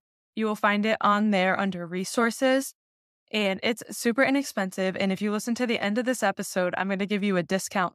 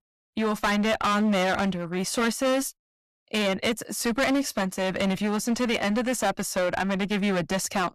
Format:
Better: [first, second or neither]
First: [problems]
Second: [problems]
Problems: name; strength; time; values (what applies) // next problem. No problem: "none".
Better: first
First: none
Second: distortion; heavy; 18% of the sound clipped